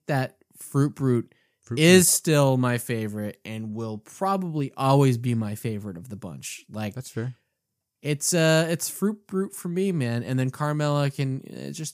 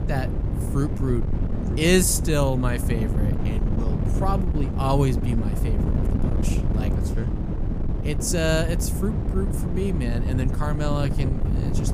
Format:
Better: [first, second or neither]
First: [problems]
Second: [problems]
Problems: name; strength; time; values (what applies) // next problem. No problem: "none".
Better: first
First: none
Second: wind noise on the microphone; heavy; 7 dB below the speech